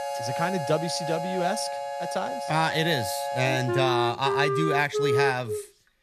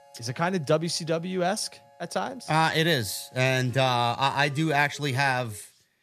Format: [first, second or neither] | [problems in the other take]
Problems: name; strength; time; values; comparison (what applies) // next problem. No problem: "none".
second | background music; loud; throughout; 2 dB below the speech; faint in the second